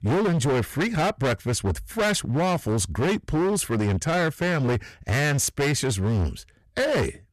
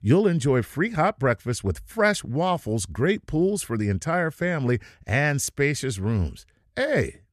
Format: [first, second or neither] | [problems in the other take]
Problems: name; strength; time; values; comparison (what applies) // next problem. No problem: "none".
second | distortion; heavy; 26% of the sound clipped